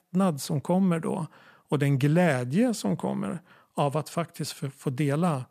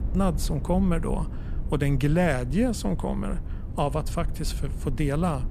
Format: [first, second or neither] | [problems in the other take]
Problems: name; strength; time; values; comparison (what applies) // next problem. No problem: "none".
first | low rumble; noticeable; throughout; 15 dB below the speech